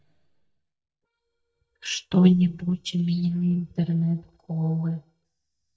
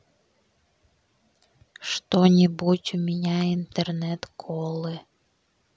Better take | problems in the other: second | noise reduction (neural mask model DeepFilterNet 3)

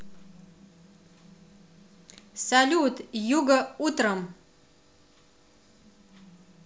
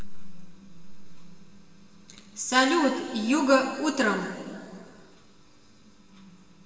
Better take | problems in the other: first | room echo; dies away in 2.6 s

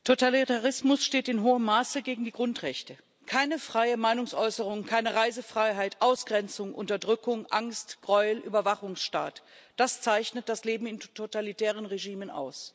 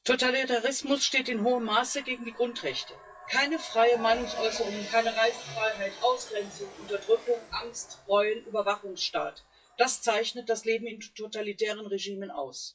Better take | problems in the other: first | noise reduction (classical method WPE with log-MMSE)

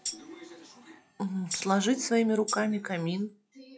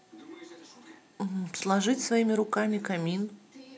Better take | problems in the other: second | noise reduction (classical method log-MMSE)

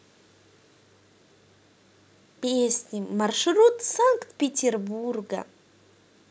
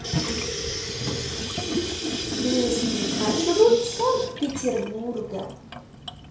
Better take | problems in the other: first | background sound (Sink (filling or washing) / Water tap, faucet); 2 dB below the speech // room echo; dies away in 0.6 s

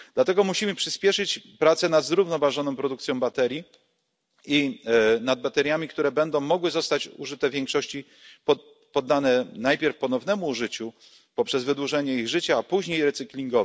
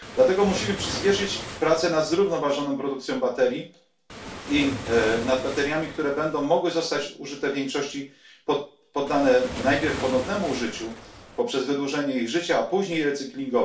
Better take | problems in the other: first | background sound (Waves, surf); 10 dB below the speech // room echo; dies away in 0.3 s

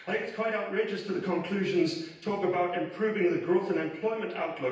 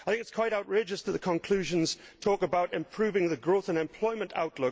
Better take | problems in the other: second | room echo; dies away in 0.9 s

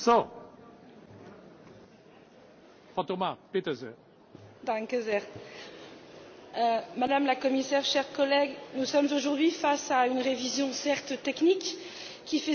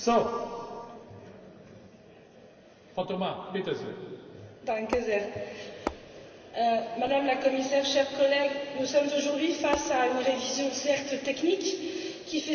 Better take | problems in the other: first | background sound (Tap / Hammer); 8 dB below the speech // room echo; dies away in 2.5 s

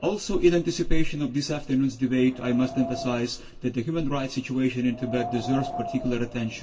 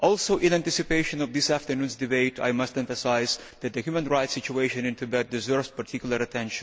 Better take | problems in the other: second | background sound (Wind); 14 dB below the speech // room echo; dies away in 0.2 s

